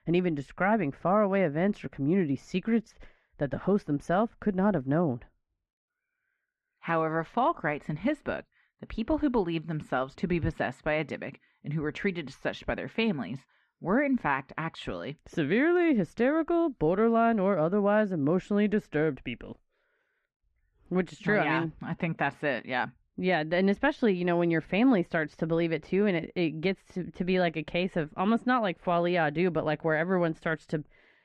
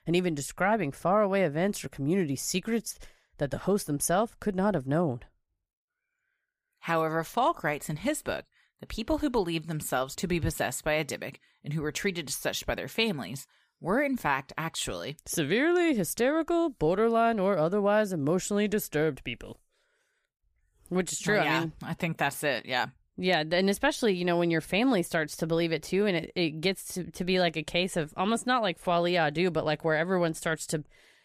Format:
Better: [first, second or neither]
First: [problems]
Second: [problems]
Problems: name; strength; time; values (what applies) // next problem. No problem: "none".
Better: second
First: muffled; very; fading above 2 kHz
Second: none